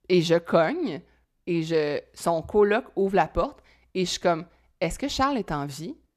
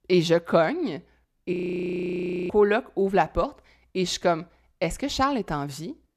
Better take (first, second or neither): first